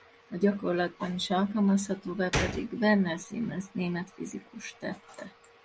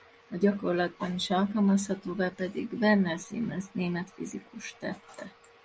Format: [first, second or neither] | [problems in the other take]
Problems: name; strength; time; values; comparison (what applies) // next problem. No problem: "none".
second | background sound (Gunshot, gunfire); 7 dB below the speech